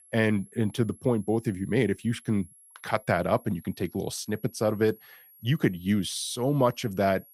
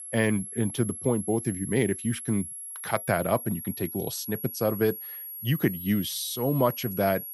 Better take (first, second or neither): first